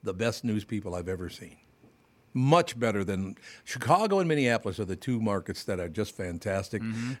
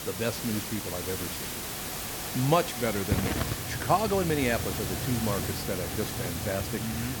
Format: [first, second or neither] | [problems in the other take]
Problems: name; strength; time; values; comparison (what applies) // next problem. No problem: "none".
first | hiss; loud; throughout; 2 dB below the speech